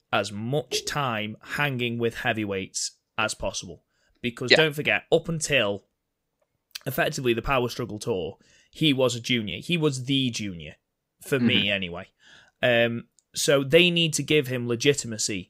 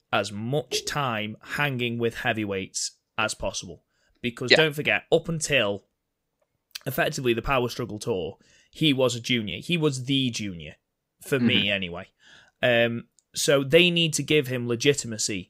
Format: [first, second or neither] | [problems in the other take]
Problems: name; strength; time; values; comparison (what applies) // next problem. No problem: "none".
neither | none